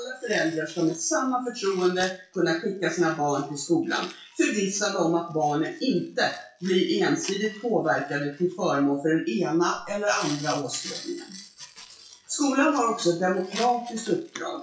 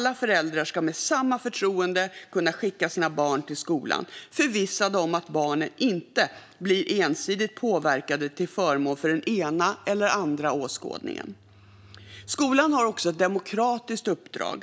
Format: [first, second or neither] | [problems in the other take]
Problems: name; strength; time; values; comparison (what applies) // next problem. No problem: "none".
second | noise reduction (classical method WPE with log-MMSE)